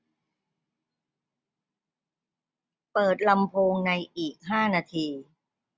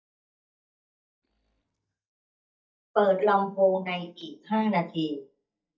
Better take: first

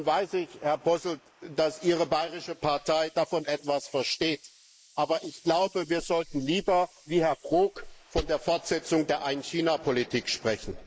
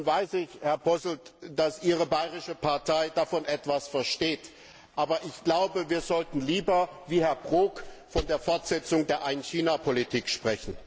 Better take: second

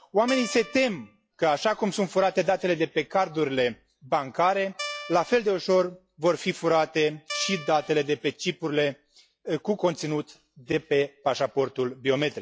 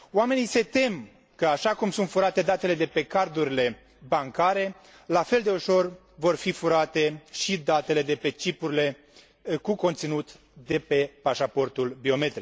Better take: second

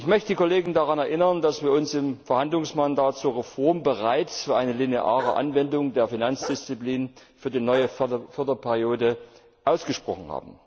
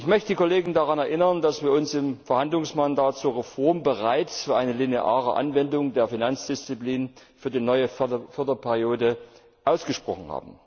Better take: second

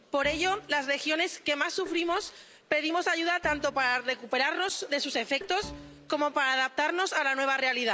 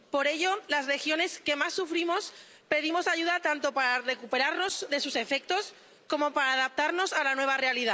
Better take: second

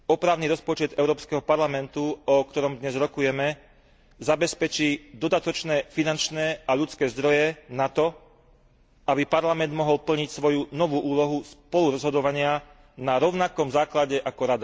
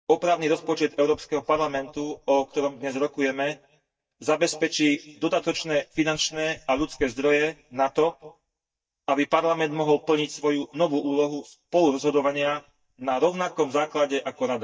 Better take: first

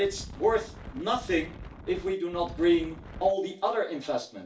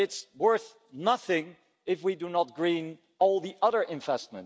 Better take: second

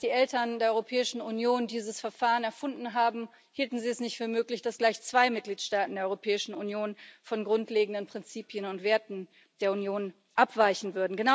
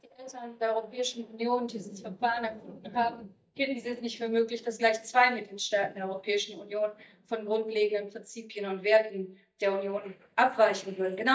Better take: first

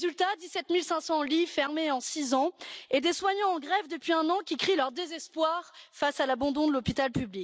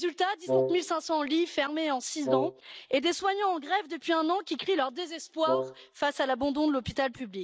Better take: first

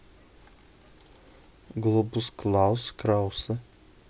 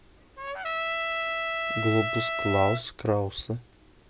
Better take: first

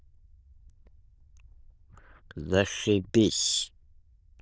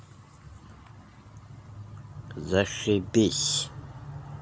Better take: second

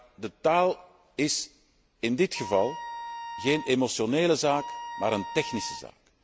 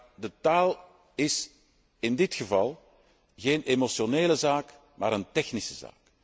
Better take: second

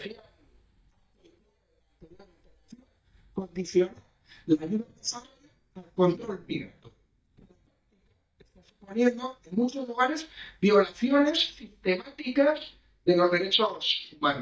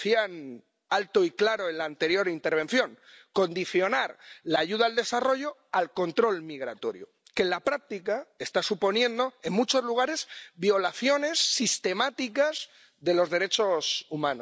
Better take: second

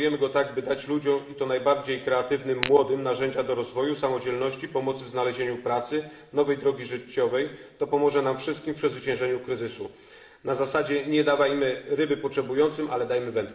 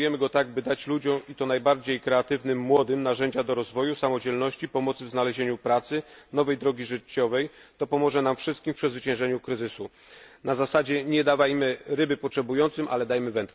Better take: second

